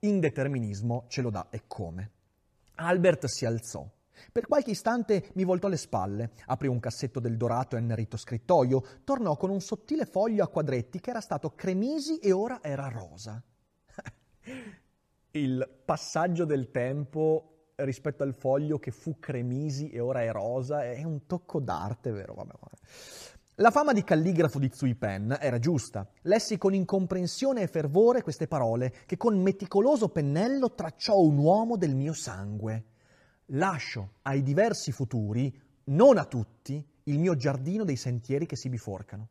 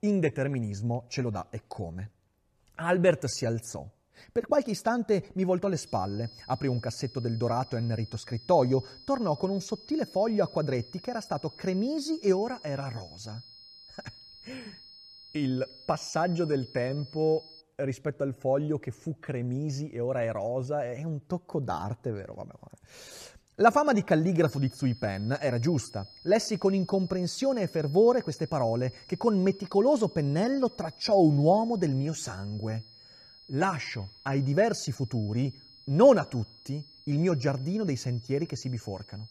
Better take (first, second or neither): first